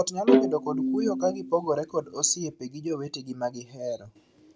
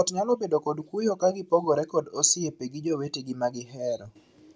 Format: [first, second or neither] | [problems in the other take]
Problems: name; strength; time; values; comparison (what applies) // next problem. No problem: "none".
second | background sound (Bowed string instrument); 3 dB above the speech